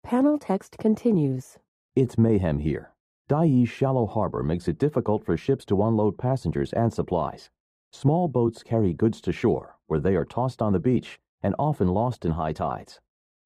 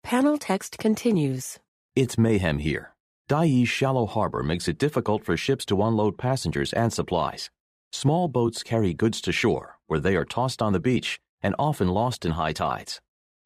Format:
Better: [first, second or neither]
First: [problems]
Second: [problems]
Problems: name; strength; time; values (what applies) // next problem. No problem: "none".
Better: second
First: muffled; slightly; fading above 1.5 kHz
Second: none